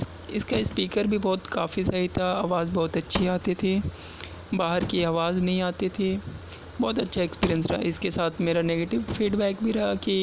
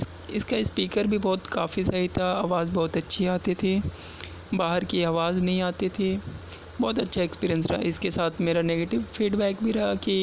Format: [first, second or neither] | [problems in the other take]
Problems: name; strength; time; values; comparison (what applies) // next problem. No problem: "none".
second | background sound (Drawer open or close / Wood); 14 dB below the speech